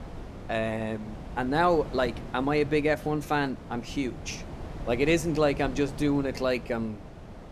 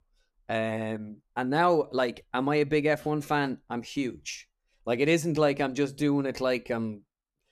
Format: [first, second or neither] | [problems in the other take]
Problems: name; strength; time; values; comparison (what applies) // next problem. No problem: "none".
second | wind noise on the microphone; occasional gusts; 15 dB below the speech